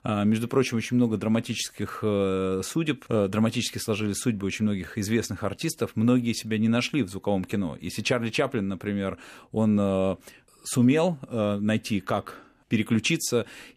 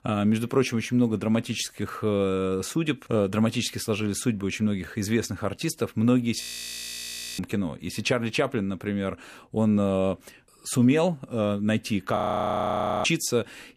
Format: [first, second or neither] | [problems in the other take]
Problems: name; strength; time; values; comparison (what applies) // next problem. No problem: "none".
first | audio freezing; at 6.5 s for 1 s and at 12 s for 1 s